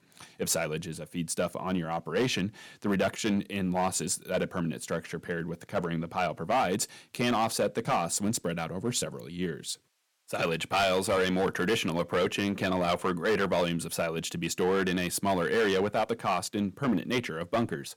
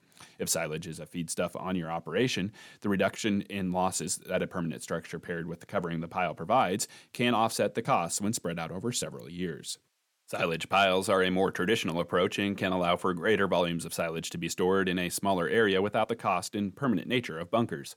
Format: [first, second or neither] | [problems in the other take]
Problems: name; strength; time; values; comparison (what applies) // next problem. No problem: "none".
second | distortion; slight; 6% of the sound clipped